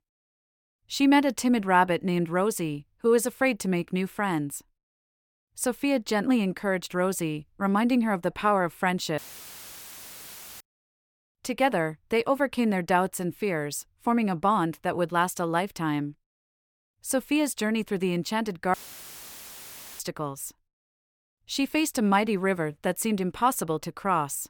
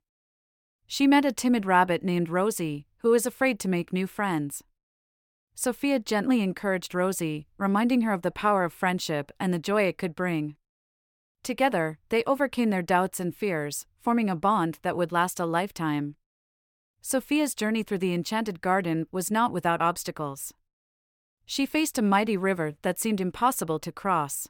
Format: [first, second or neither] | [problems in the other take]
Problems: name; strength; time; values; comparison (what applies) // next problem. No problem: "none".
second | audio cutting out; filled with static; at 9 s for 1.5 s and at 19 s for 1.5 s